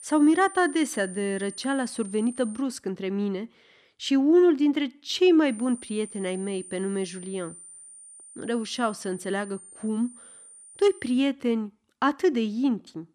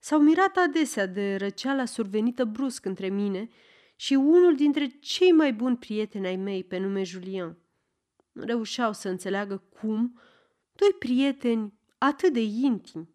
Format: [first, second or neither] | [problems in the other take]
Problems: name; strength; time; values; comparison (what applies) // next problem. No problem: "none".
second | high-pitched whine; noticeable; until 2.5 s and from 5.5 to 11 s; 9 kHz, 15 dB below the speech